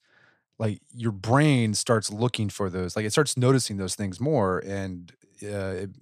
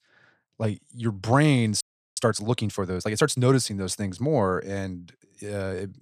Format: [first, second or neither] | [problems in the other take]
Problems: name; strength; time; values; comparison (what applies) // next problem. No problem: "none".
first | audio freezing; at 2 s